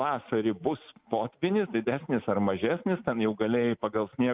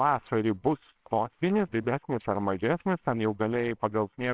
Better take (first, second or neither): first